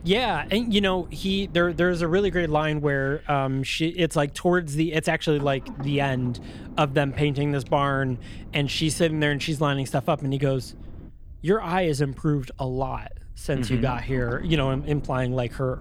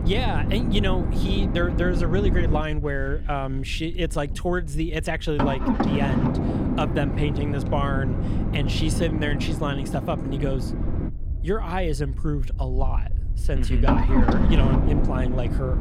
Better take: first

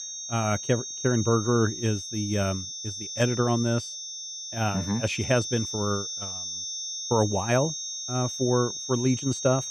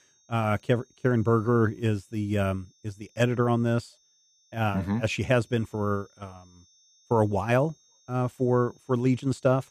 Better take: second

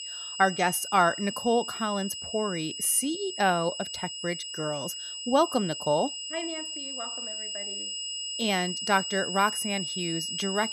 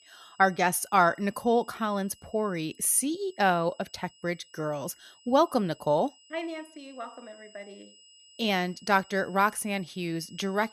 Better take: second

